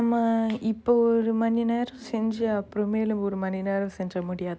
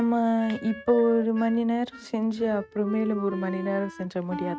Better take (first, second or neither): first